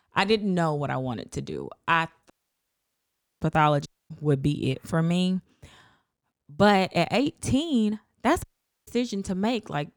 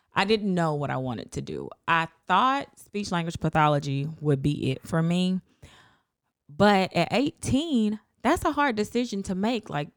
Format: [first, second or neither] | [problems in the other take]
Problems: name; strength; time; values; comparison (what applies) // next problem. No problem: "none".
second | audio cutting out; at 2.5 s for 1 s, at 4 s and at 8.5 s